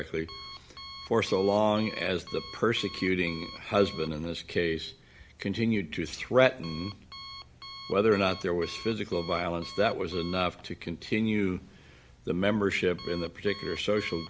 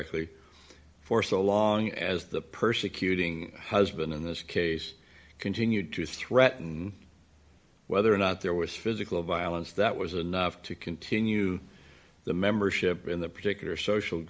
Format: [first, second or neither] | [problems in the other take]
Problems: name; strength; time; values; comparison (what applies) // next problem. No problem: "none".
second | background sound (Alarm); 17 dB below the speech